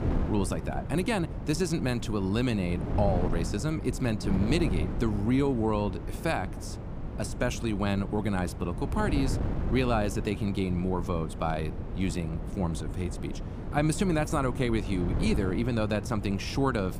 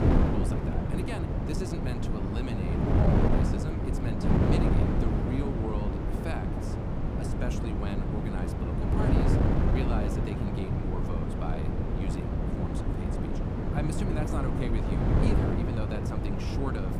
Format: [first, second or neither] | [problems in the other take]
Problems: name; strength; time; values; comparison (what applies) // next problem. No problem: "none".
first | wind noise on the microphone; heavy; 5 dB above the speech; occasional gusts in the first